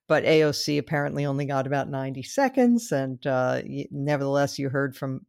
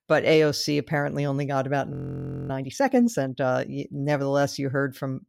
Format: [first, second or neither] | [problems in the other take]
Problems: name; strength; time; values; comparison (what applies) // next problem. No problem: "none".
first | audio freezing; at 2 s for 0.5 s